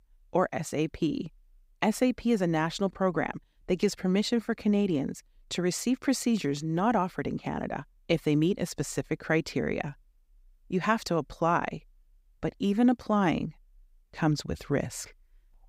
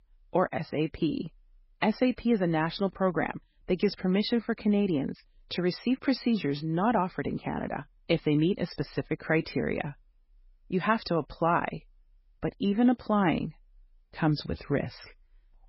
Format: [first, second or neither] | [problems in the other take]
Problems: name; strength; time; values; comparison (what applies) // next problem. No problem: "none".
first | garbled, watery; badly; nothing above 5.5 kHz